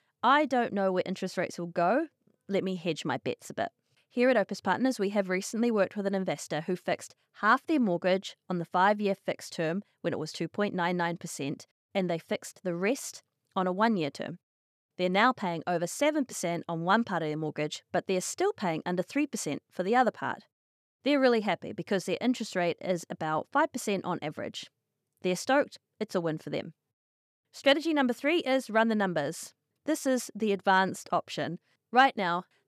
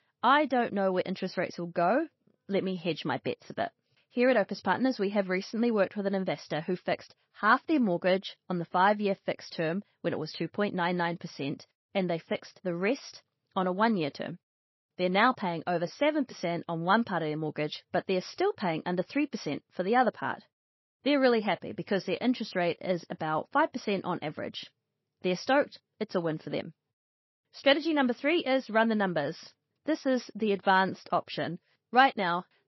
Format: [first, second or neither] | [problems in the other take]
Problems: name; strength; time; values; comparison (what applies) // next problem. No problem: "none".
first | garbled, watery; slightly; nothing above 5.5 kHz